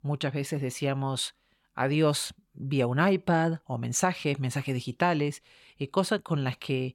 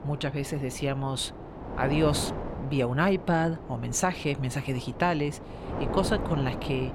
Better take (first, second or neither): first